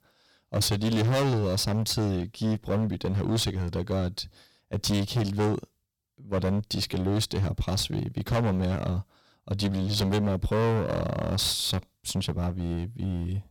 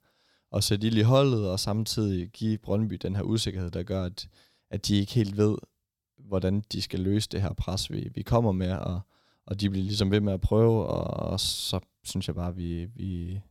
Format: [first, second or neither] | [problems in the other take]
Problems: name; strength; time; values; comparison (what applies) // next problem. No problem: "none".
second | distortion; heavy; 16% of the sound clipped